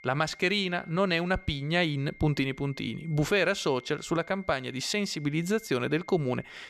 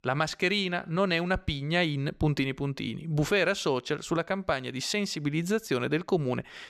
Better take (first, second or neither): second